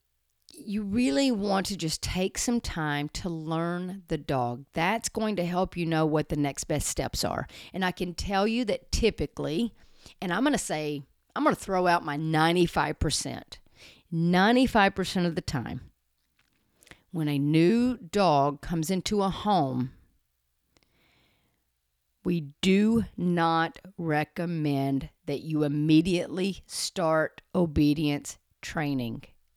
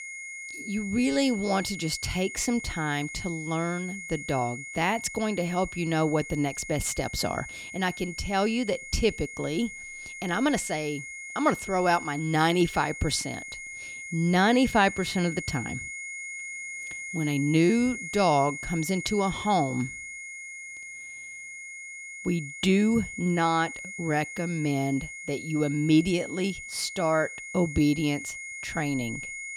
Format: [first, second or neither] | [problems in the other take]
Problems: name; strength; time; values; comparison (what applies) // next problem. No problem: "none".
first | high-pitched whine; loud; throughout; 2 kHz, 10 dB below the speech